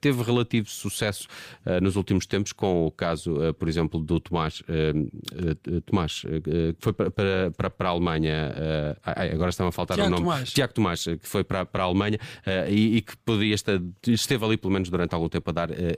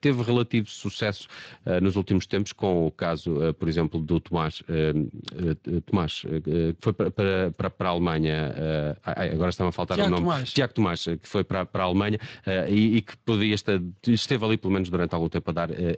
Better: first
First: none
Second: garbled, watery; slightly; nothing above 7.5 kHz

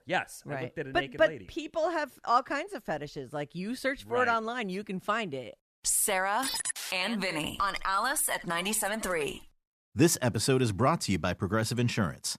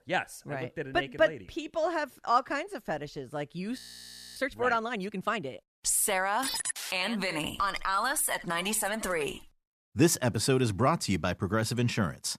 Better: first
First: none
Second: audio freezing; at 4 s for 0.5 s

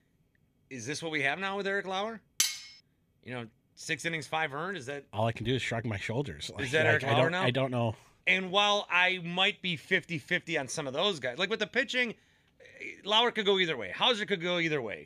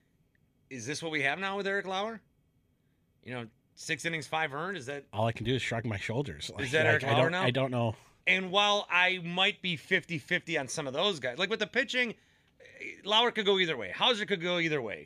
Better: second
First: clattering dishes; loud; at 2.5 s; peak level with the speech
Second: none

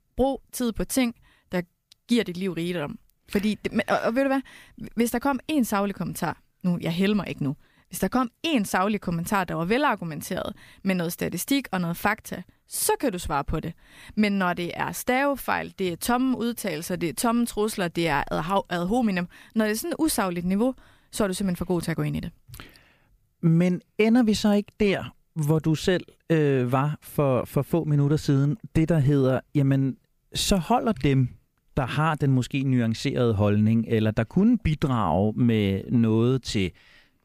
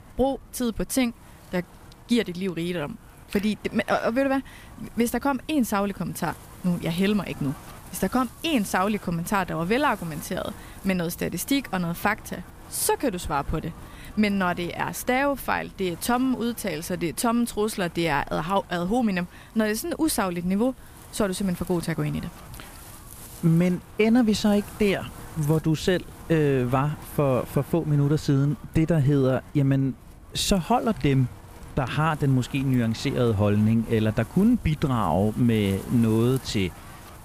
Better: first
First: none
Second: wind noise on the microphone; occasional gusts; 20 dB below the speech

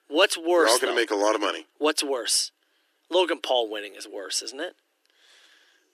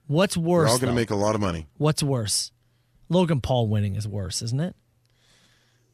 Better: second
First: thin; very; fading below 300 Hz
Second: none

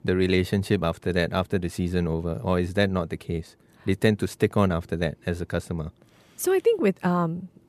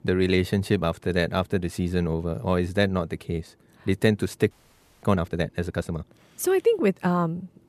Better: first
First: none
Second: audio freezing; at 4.5 s for 0.5 s

